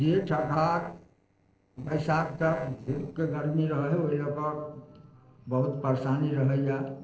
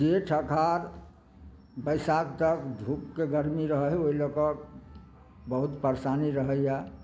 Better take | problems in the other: second | noise reduction (neural separator model SepFormer DNS4)

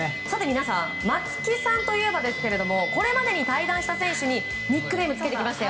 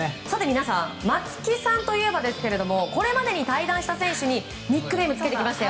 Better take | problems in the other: second | background sound (Wind instrument, woodwind instrument); 5 dB below the speech

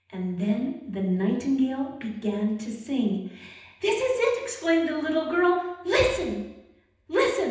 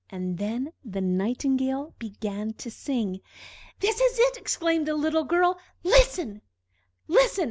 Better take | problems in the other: second | room echo; dies away in 0.9 s

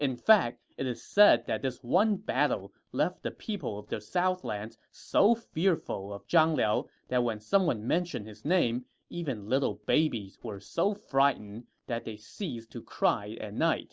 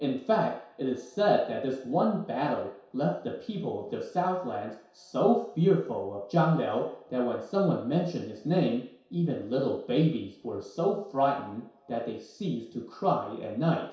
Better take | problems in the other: first | room echo; dies away in 0.6 s

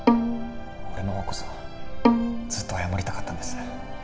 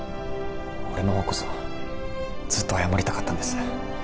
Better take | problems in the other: second | background sound (Bowed string instrument); 2 dB above the speech // room echo; dies away in 1.1 s

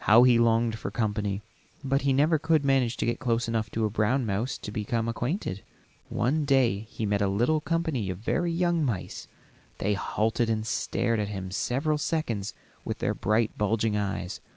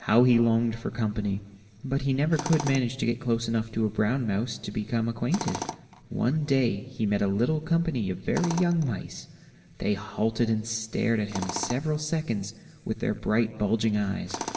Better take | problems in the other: first | background sound (Tools); 15 dB below the speech // room echo; dies away in 1.8 s

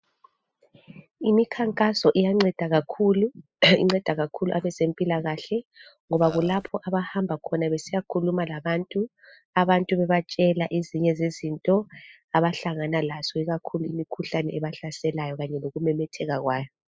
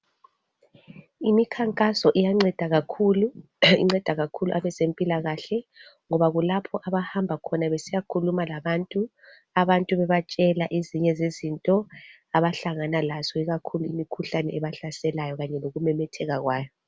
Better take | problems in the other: second | noise reduction (classical method spectral subtraction)

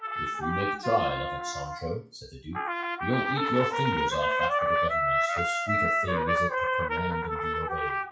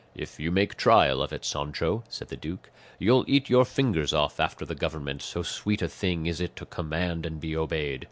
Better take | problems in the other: second | noise reduction (classical method WPE with log-MMSE)

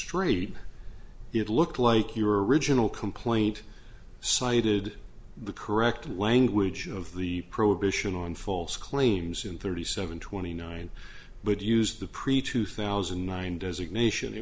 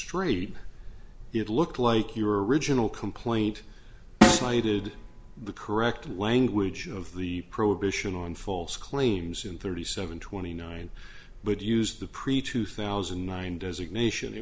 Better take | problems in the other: first | background sound (Snare drum); 2 dB above the speech

